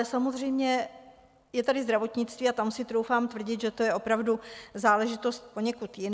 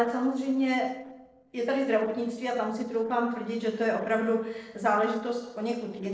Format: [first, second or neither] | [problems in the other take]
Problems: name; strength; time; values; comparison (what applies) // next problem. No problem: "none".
first | noise reduction (neural separator model SepFormer DNS4)